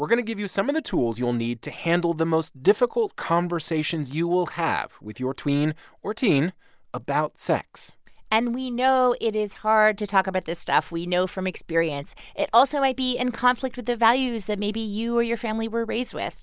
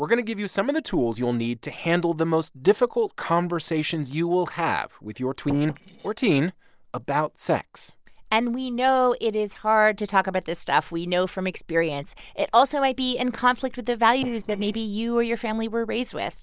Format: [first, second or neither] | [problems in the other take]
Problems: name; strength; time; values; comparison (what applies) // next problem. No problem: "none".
first | noise reduction (neural separator model SepFormer DNS4)